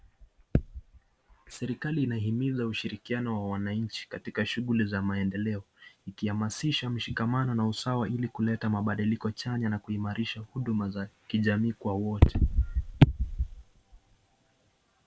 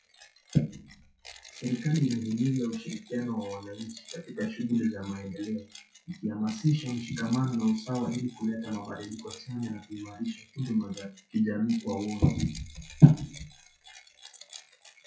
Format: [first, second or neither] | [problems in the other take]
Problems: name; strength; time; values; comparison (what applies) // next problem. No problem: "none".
first | noise reduction (classical method WPE with log-MMSE)